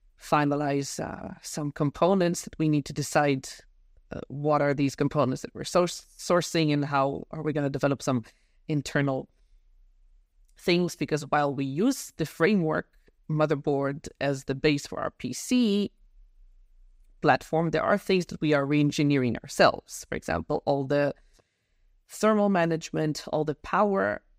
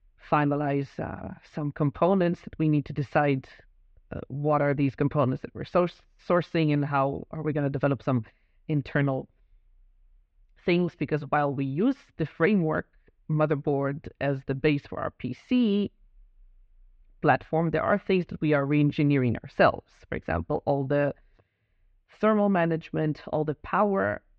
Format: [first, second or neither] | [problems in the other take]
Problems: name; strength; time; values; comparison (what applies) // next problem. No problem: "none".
first | muffled; very; fading above 3 kHz